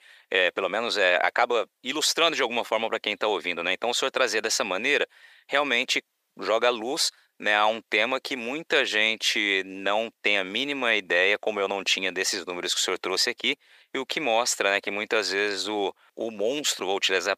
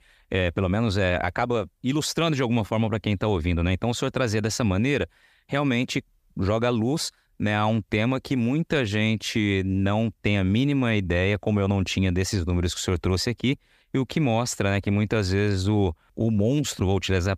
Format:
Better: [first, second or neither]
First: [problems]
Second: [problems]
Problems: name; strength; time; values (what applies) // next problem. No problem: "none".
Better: second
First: thin; very; fading below 450 Hz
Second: none